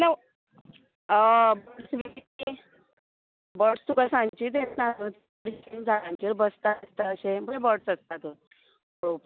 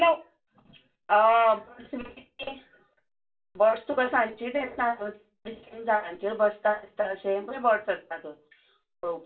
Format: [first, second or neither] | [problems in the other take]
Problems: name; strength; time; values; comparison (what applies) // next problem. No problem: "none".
first | room echo; dies away in 0.2 s